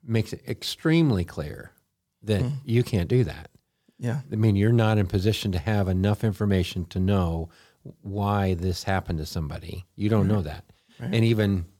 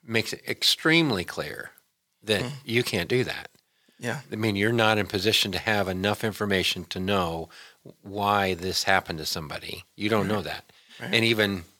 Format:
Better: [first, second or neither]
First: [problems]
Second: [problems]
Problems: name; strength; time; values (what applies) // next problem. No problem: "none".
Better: first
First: none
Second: thin; somewhat; fading below 800 Hz